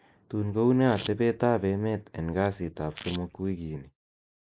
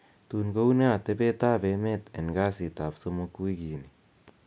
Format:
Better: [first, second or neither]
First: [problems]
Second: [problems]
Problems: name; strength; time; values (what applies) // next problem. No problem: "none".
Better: second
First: noise reduction (neural mask model Resemble Enhance denoiser)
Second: none